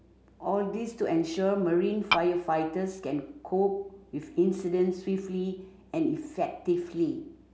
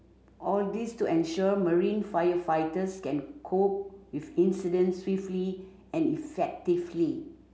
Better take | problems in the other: second | background sound (Tap / Glass); 1 dB above the speech

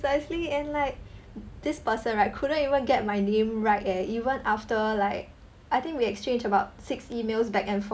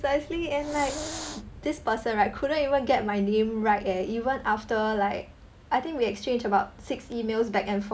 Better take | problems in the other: first | background sound (Hiss); 11 dB below the speech

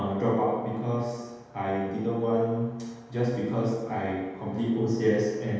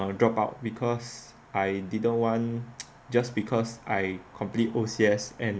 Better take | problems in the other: second | room echo; dies away in 1.2 s

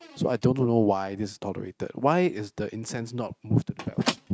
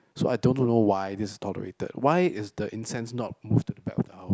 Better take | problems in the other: second | noise reduction (neural mask model RNNoise)

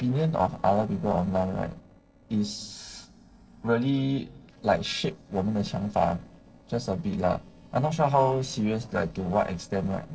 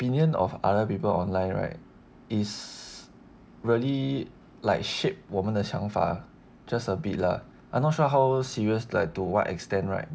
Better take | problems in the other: second | noise reduction (neural separator model SepFormer DNS4)

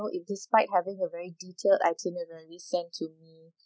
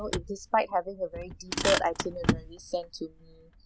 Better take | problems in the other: first | background sound (Motor vehicle (road)); 3 dB below the speech

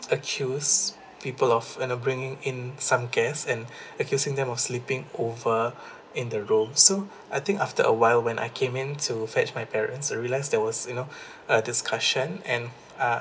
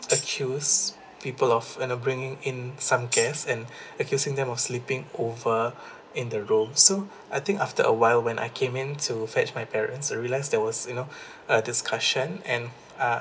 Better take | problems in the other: first | background sound (Tambourine); 7 dB below the speech

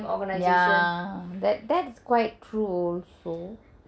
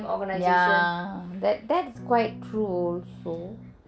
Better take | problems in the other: first | background sound (Electric guitar / Strum); 15 dB below the speech

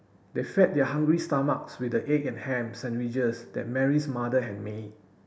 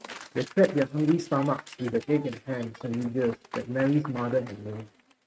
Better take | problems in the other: first | noise reduction (neural mask model RNNoise)

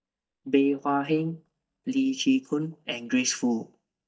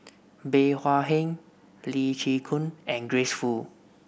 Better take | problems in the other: second | noise reduction (neural mask model DeepFilterNet 3)

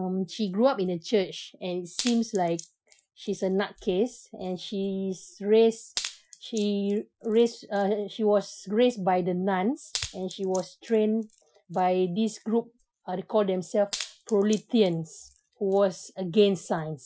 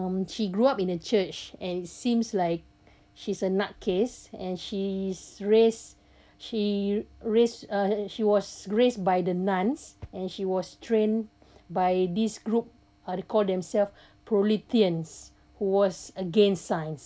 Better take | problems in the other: second | noise reduction (classical method Wiener filter)

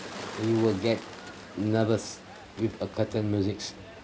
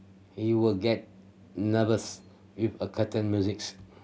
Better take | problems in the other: second | background sound (Bird); 14 dB below the speech

